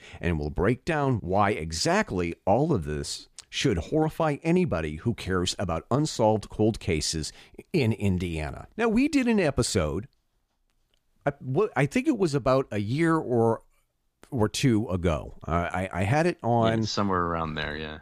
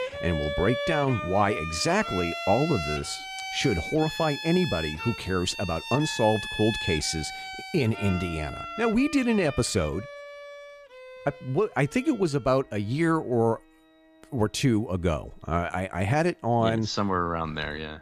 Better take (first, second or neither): first